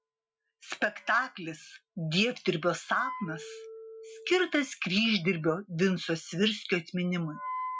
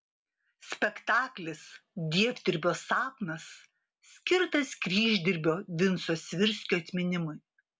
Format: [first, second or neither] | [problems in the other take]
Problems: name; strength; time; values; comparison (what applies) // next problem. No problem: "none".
second | noise reduction (classical method Wiener filter)